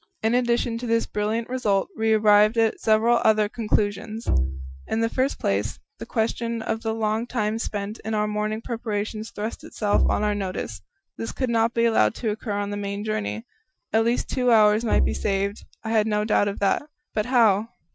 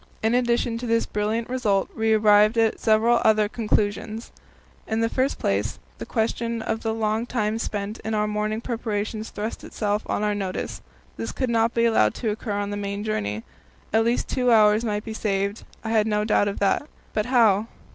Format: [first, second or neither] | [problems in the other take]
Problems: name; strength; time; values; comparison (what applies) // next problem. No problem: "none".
second | noise reduction (classical method Wiener filter)